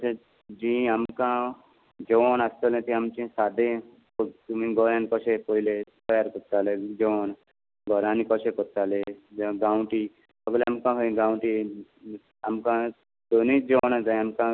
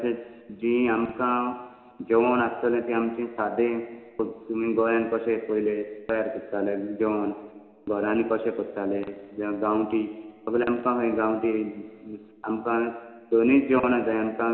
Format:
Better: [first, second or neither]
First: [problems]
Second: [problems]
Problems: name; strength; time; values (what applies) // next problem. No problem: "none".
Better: first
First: none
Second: room echo; dies away in 3 s